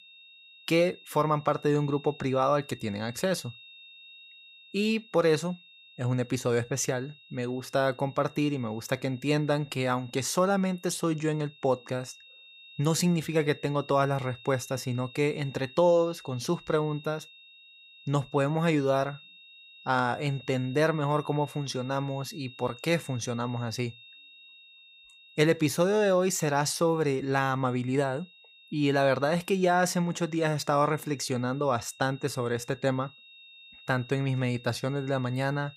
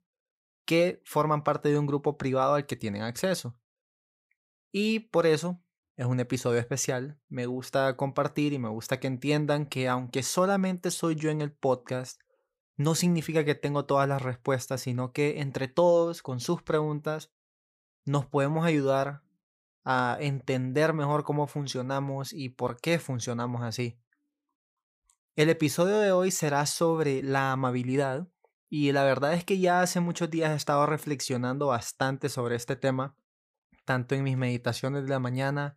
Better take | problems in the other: second | high-pitched whine; faint; throughout; 3.5 kHz, 20 dB below the speech

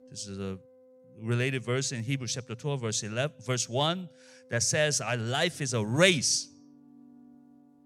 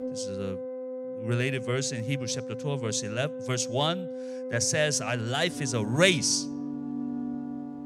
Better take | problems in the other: first | background music; loud; throughout; 9 dB below the speech; faint in the first

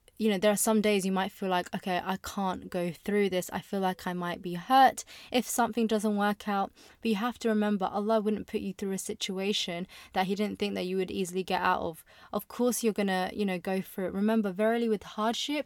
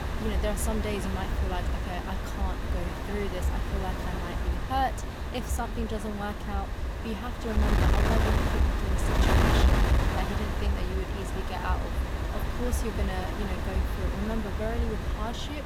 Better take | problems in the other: first | wind noise on the microphone; heavy; 2 dB above the speech

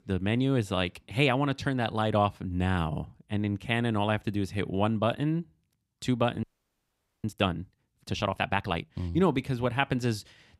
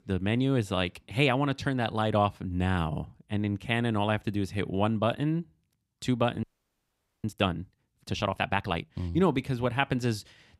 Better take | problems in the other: neither | audio freezing; at 6.5 s for 1 s; the same in both

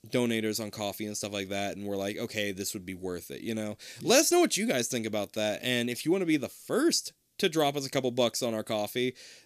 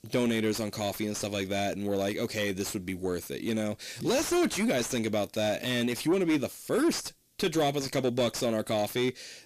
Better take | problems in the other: first | distortion; heavy; 7 dB below the speech

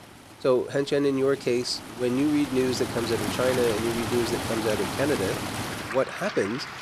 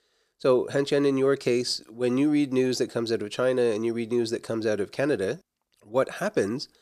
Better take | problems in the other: second | rain or running water; loud; throughout; 5 dB below the speech

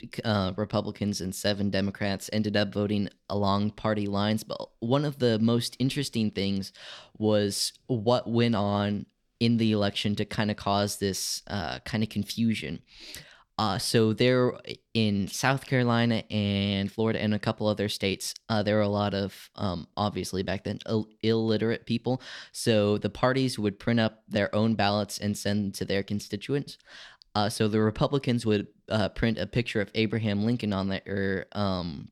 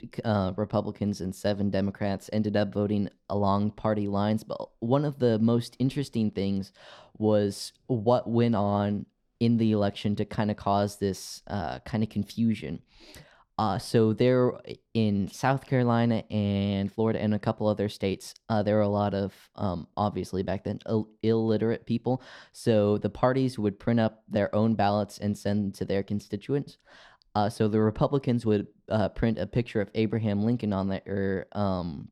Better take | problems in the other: first | muffled; slightly; fading above 1.5 kHz

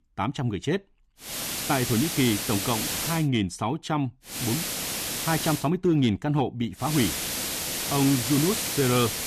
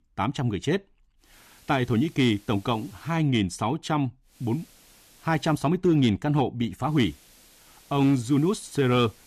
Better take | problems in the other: second | hiss; loud; from 1.5 to 3 s, from 4.5 to 5.5 s and from 7 s on; 2 dB below the speech; faint in the second

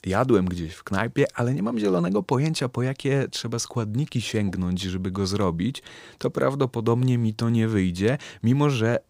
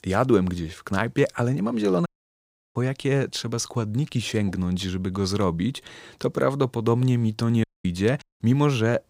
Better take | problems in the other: first | audio cutting out; at 2 s for 0.5 s, at 7.5 s and at 8 s

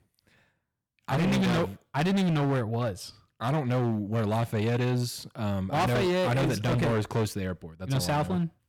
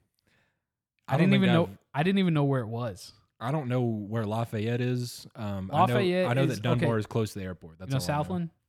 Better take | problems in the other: second | distortion; heavy; 20% of the sound clipped

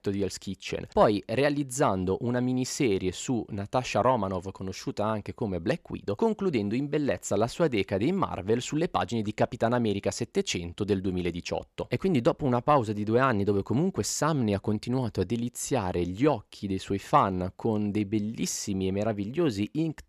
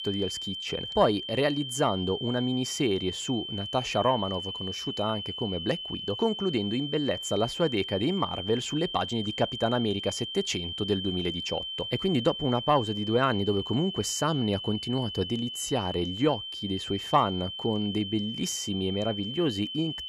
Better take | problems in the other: first | high-pitched whine; loud; throughout; 3 kHz, 5 dB below the speech

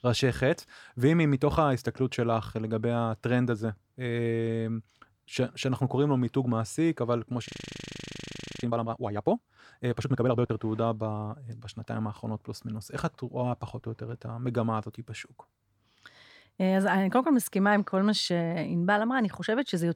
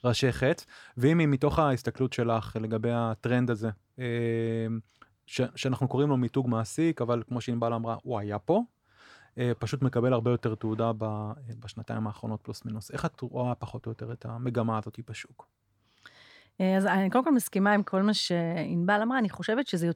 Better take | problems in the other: second | audio freezing; at 7.5 s for 1 s

